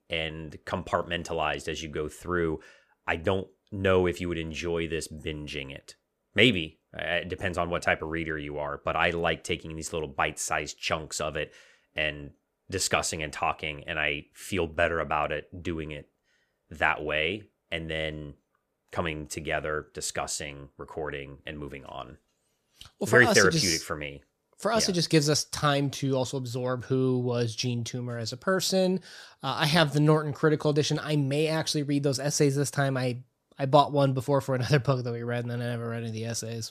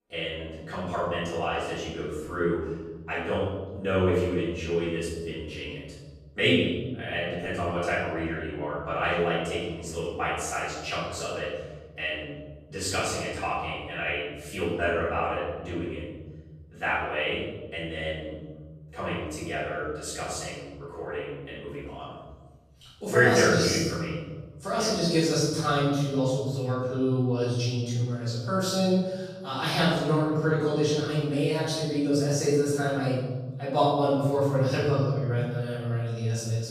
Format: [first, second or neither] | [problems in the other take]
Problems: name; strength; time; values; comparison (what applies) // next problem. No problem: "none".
first | room echo; strong; dies away in 1.5 s // off-mic speech; far